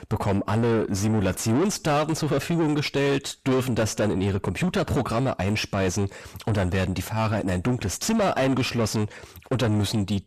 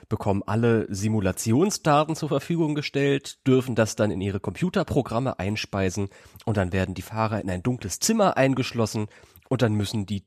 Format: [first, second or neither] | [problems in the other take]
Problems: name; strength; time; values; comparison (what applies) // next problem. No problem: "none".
second | distortion; heavy; 6 dB below the speech